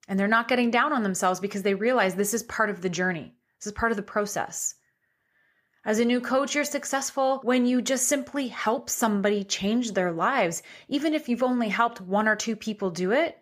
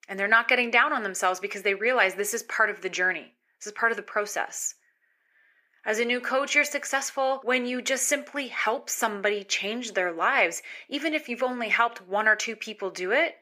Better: first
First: none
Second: thin; somewhat; fading below 300 Hz

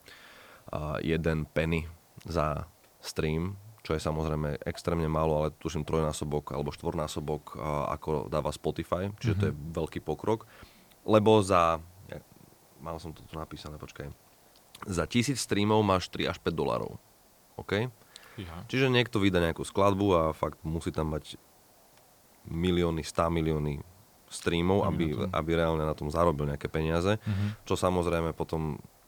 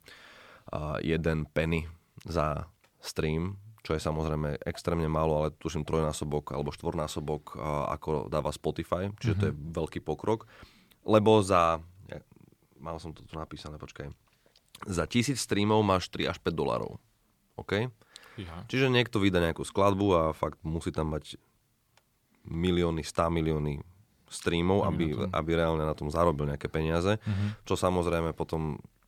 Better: second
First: hiss; faint; throughout; 30 dB below the speech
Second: none

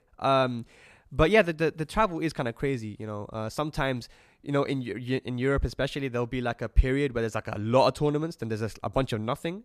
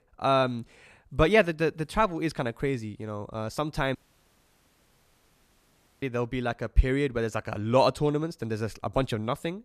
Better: first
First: none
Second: audio cutting out; at 4 s for 2 s

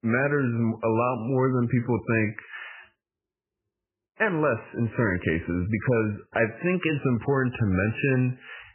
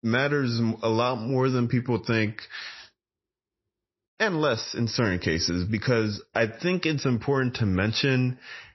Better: second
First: garbled, watery; badly; nothing above 3 kHz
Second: garbled, watery; slightly; nothing above 5.5 kHz

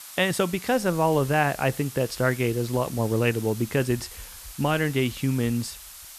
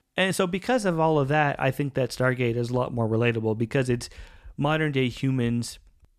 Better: second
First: hiss; noticeable; throughout; 15 dB below the speech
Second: none

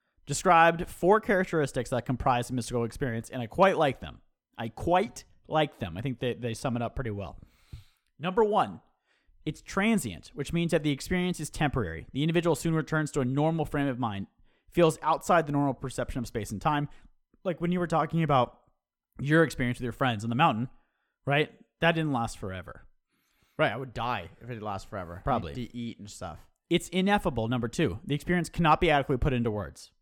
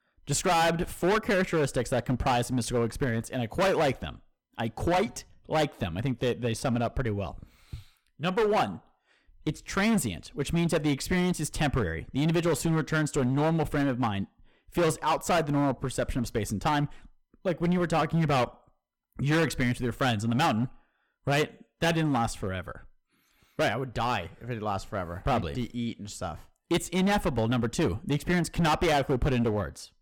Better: first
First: none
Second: distortion; heavy; 11% of the sound clipped

